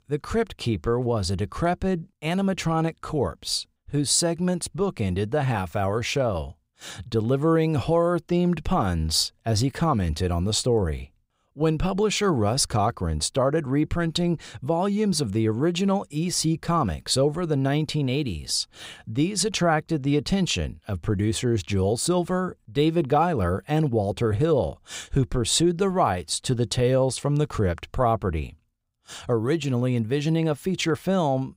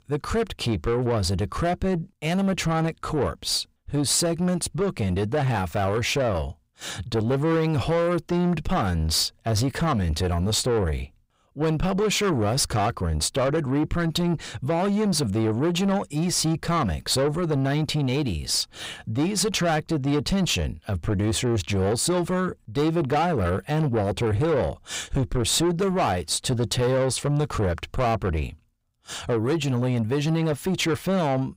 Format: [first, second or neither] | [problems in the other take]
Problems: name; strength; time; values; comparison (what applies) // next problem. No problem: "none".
first | distortion; slight; 10 dB below the speech